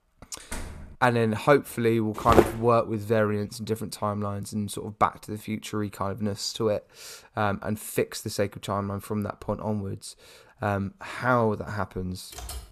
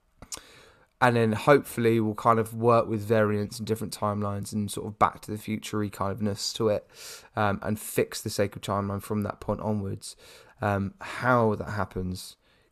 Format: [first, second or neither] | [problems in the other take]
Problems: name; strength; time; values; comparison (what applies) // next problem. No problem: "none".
second | door banging; faint; at 0.5 s; peak 10 dB below the speech // footsteps; loud; at 2.5 s; peak 5 dB above the speech // keyboard typing; faint; at 12 s; peak 10 dB below the speech